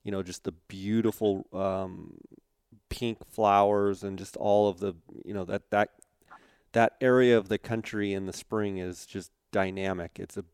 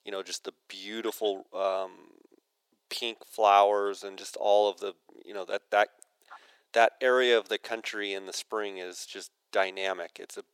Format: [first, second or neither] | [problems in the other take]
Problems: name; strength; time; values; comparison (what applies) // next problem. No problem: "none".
first | thin; very; fading below 450 Hz